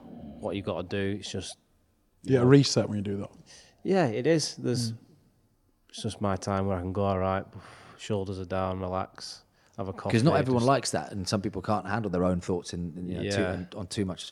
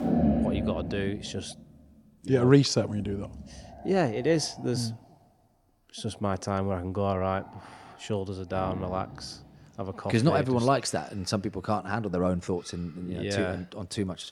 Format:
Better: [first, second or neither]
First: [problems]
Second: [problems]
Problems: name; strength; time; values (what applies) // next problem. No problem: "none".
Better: first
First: animal sounds; faint; throughout; 25 dB below the speech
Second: animal sounds; loud; throughout; 5 dB below the speech